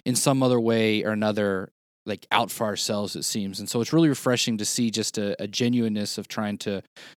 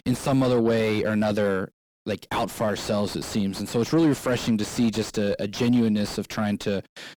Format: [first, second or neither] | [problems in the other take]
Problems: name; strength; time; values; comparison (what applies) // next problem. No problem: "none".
first | distortion; heavy; 6 dB below the speech